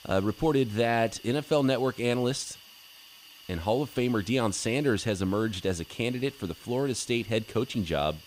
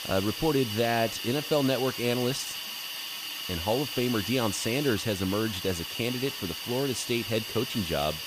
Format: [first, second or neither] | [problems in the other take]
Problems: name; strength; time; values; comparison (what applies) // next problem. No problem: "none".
first | hiss; loud; throughout; 5 dB below the speech; faint in the first